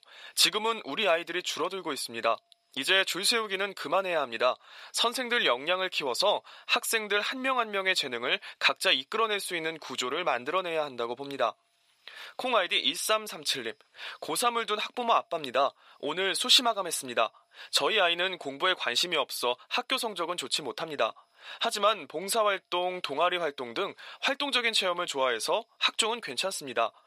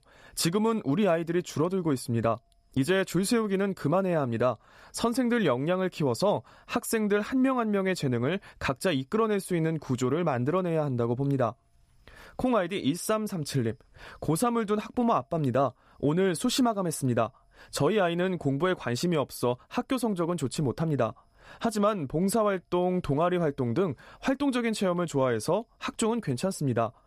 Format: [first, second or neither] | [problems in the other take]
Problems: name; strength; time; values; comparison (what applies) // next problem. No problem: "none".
second | thin; very; fading below 650 Hz